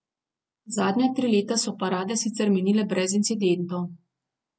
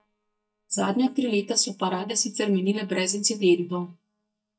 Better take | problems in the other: first | noise reduction (neural mask model DeepFilterNet 3)

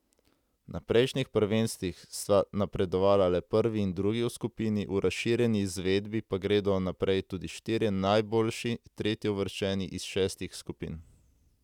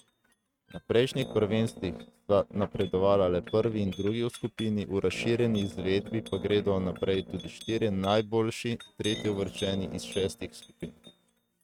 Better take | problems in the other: first | noise reduction (neural mask model RNNoise)

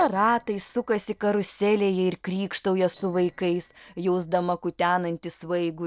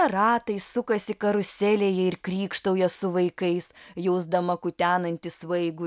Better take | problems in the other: second | noise reduction (neural separator model SepFormer DNS4)

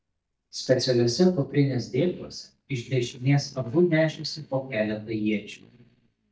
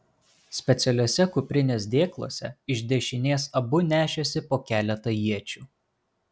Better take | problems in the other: second | noise reduction (neural mask model DeepFilterNet 3)

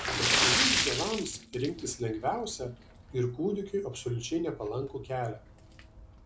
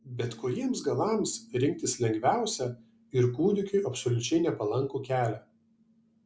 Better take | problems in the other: second | background sound (Splash, splatter); 1 dB above the speech

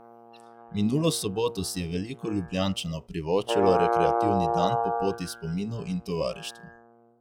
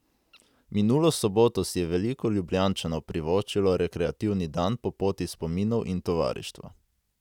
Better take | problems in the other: second | noise reduction (classical method log-MMSE)

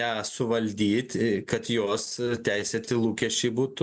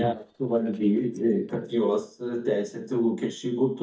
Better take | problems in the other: first | noise reduction (neural mask model DeepFilterNet 3)

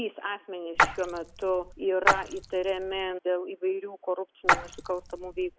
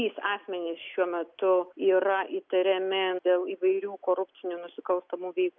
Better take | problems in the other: second | background sound (Splash, splatter); 2 dB above the speech

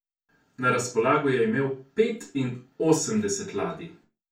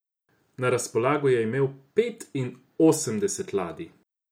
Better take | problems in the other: second | room echo; dies away in 0.2 s

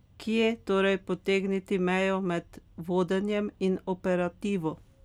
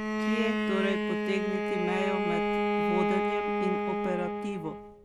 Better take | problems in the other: first | background sound (Bowed string instrument); 5 dB above the speech

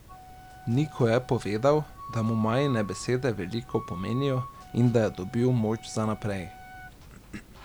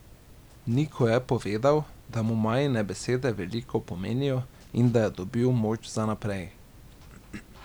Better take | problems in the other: second | background sound (Wind instrument, woodwind instrument); 17 dB below the speech

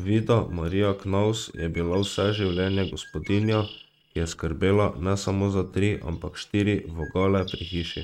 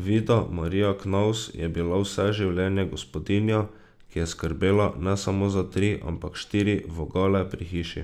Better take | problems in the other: second | noise reduction (neural mask model RNNoise)

